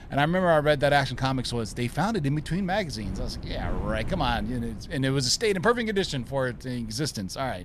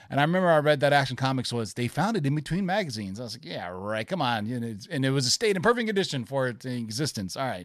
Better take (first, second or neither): second